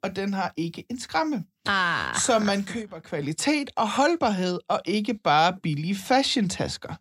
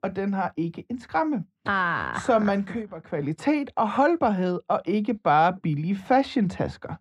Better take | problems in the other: first | muffled; very; fading above 3 kHz

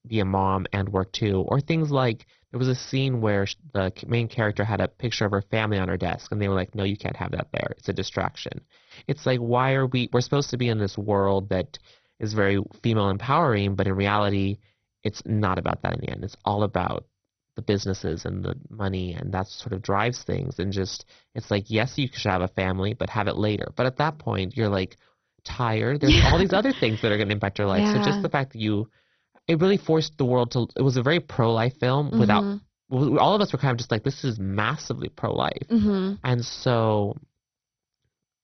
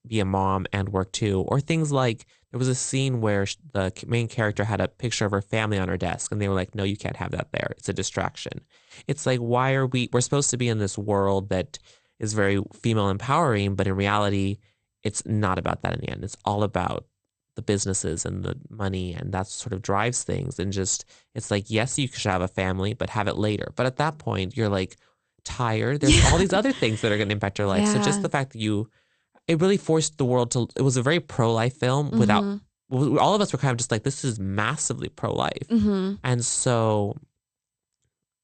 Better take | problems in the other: second | garbled, watery; badly; nothing above 6 kHz; slightly in the second

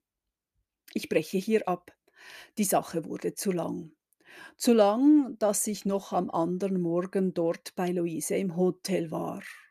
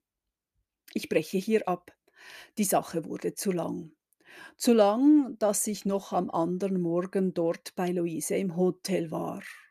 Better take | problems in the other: neither | none

